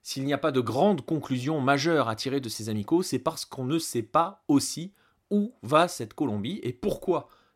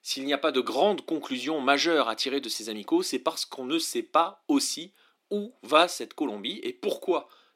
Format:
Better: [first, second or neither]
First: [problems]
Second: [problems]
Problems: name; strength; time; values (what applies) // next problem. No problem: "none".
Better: first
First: none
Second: thin; very slightly; fading below 250 Hz